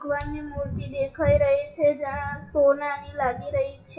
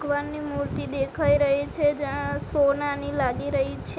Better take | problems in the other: second | noise reduction (classical method WPE with log-MMSE)

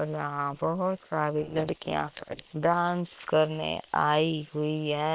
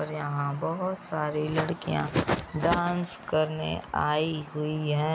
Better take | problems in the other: second | noise reduction (neural separator model SepFormer WHAM!)

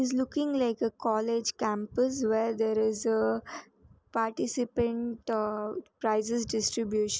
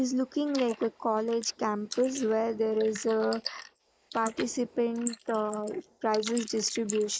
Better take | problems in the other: first | noise reduction (neural mask model Resemble Enhance denoiser)

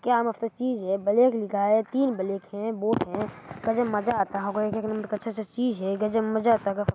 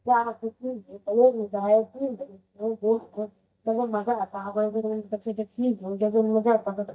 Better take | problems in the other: first | noise reduction (neural mask model DeepFilterNet 3)

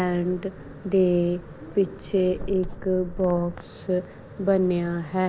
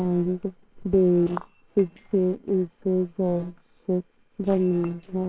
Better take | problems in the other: first | noise reduction (neural separator model SepFormer WHAMR!)

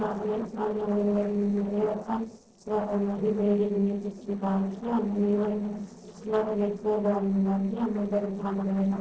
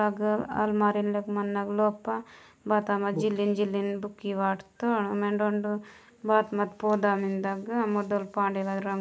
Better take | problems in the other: second | noise reduction (neural separator model SepFormer DNS4)

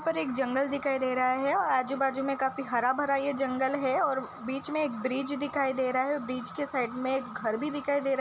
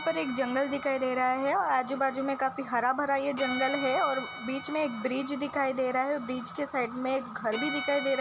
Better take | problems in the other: first | background sound (Bowed string instrument); 13 dB below the speech

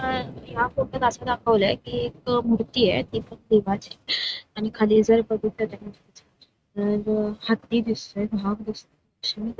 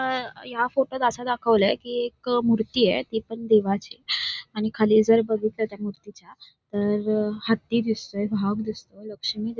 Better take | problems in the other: second | noise reduction (neural mask model RNNoise)

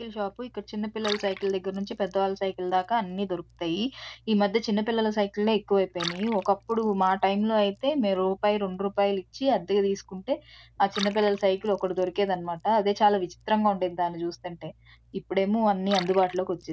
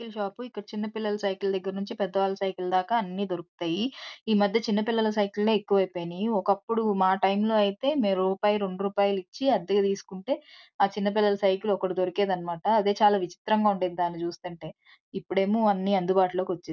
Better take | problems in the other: second | background sound (Liquid); 18 dB below the speech

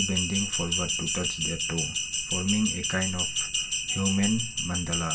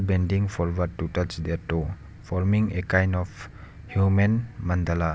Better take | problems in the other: second | background sound (Bell); 1 dB above the speech // room echo; dies away in 0.2 s

